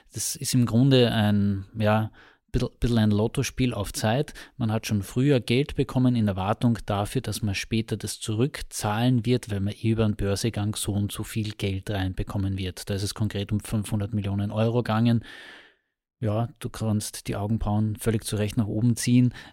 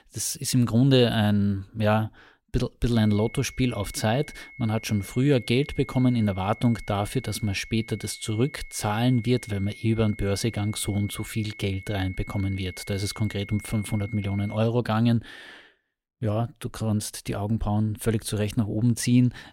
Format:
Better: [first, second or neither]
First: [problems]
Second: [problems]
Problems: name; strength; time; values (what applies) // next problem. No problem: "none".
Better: first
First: none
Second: high-pitched whine; noticeable; from 3 to 15 s; 2 kHz, 20 dB below the speech